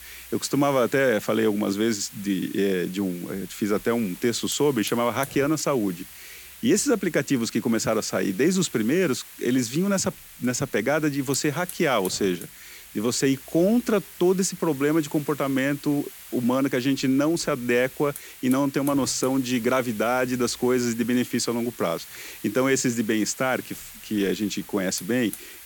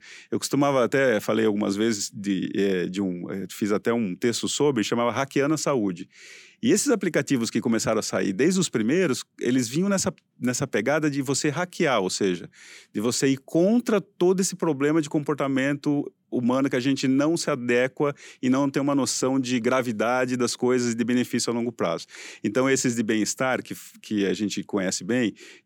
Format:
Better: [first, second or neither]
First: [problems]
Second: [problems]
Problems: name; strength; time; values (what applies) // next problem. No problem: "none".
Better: second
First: hiss; noticeable; throughout; 15 dB below the speech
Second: none